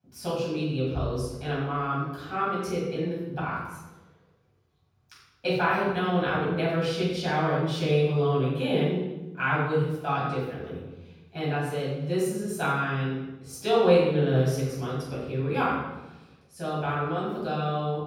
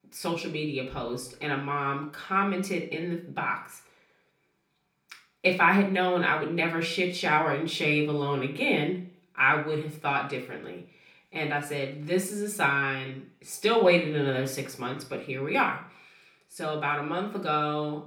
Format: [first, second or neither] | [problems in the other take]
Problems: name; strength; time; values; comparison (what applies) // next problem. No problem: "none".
second | room echo; strong; dies away in 1.2 s; slight in the second // off-mic speech; far; far in the second